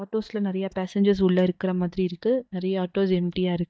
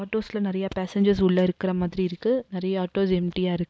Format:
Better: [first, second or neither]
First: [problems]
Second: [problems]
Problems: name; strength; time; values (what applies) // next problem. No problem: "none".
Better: second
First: noise reduction (neural mask model DeepFilterNet 3)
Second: none